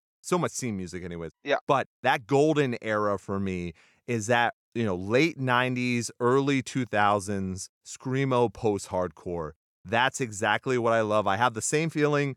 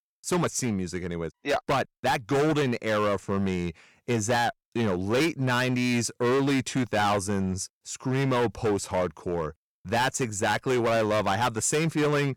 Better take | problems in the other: first | distortion; heavy; 16% of the sound clipped

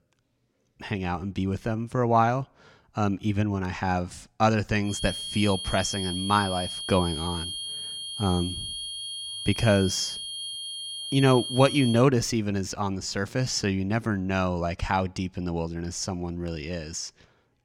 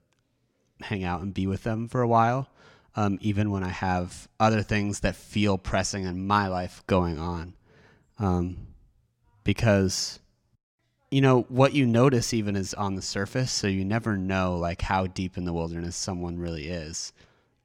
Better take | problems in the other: second | high-pitched whine; loud; from 5 to 12 s; 3 kHz, 6 dB below the speech

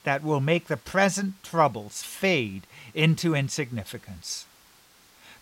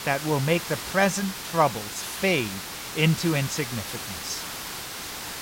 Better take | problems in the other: first | hiss; loud; throughout; 7 dB below the speech; faint in the first

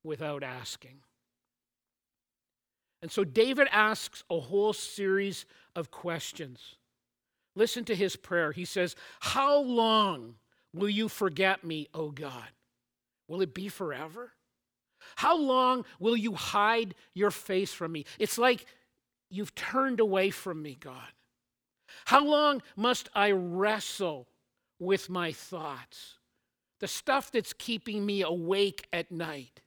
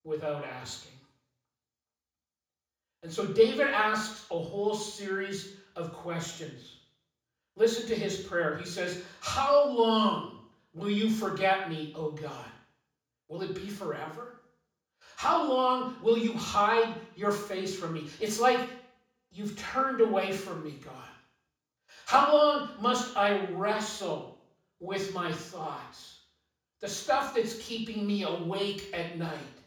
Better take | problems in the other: first | room echo; noticeable; dies away in 0.5 s // off-mic speech; far

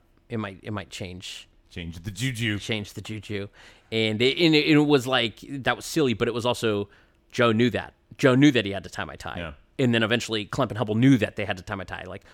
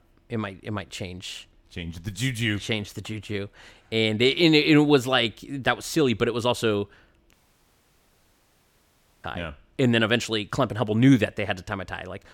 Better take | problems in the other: first | audio cutting out; at 7.5 s for 2 s

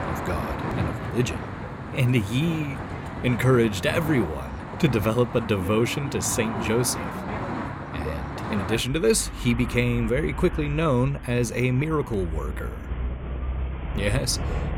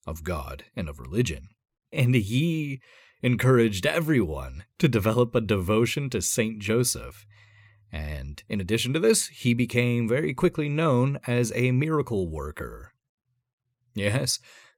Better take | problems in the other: second | traffic noise; loud; throughout; 8 dB below the speech

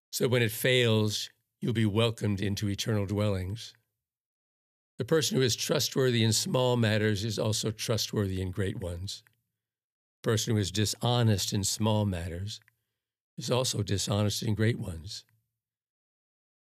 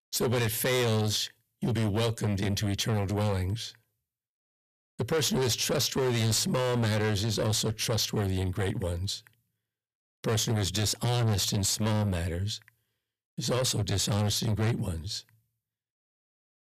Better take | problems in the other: first | distortion; heavy; 6 dB below the speech

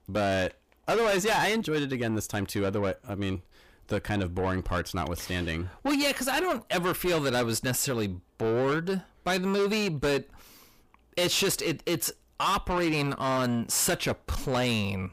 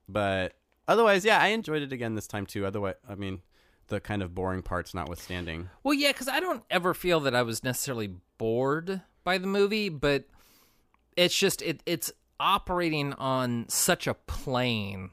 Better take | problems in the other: second | distortion; heavy; 6 dB below the speech

